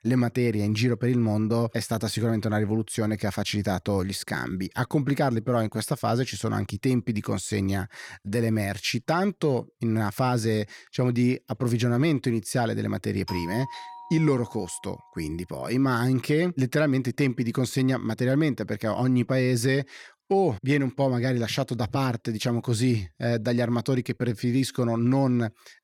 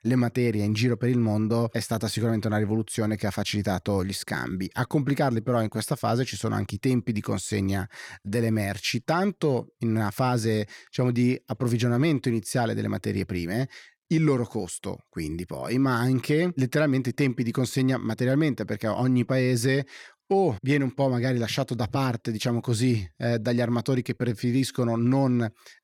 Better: second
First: doorbell; faint; from 13 to 15 s; peak 10 dB below the speech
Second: none

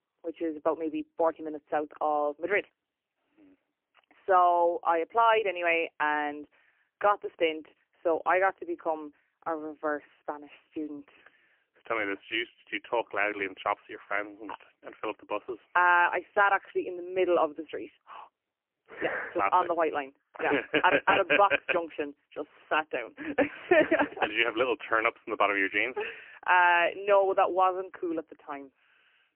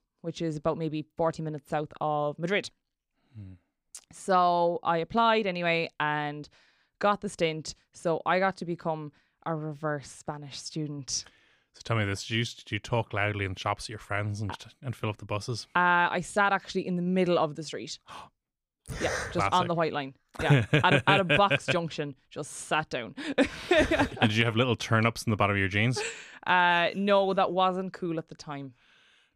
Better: second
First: phone-call audio; poor line; nothing above 3 kHz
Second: none

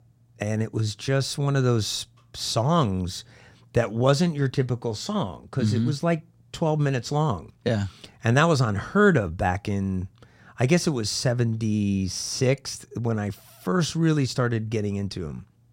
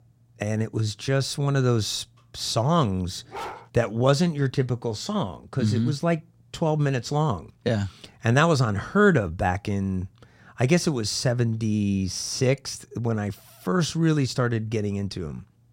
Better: first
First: none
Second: dog barking; faint; at 3.5 s; peak 10 dB below the speech

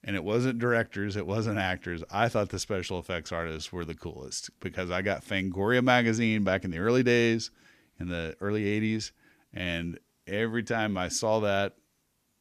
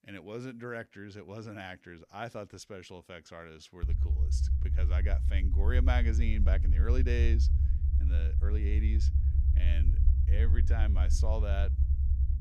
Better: first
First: none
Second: low rumble; loud; from 4 s on; 6 dB below the speech

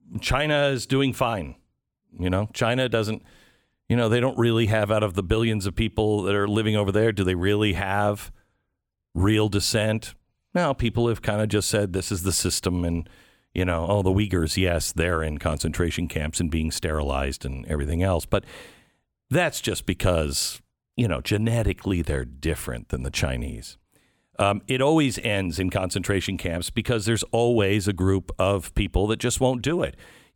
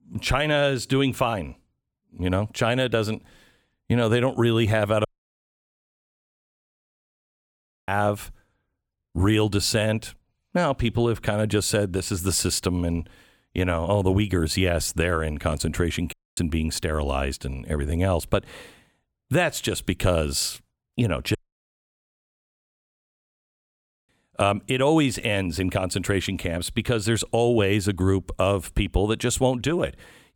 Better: first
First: none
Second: audio cutting out; at 5 s for 3 s, at 16 s and at 21 s for 2.5 s

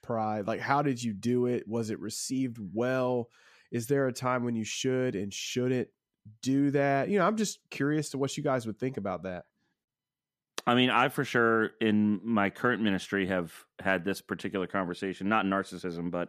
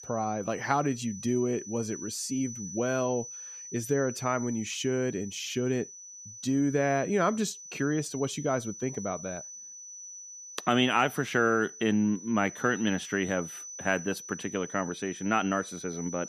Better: first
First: none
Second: high-pitched whine; noticeable; throughout; 6 kHz, 10 dB below the speech

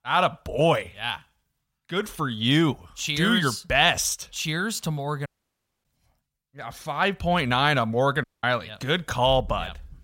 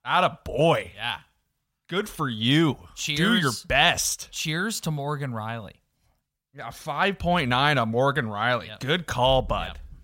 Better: second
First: audio cutting out; at 5.5 s for 0.5 s and at 8 s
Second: none

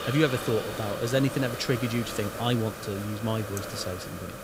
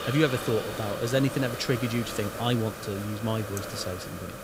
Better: neither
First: hiss; loud; throughout; 7 dB below the speech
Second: hiss; loud; throughout; 7 dB below the speech

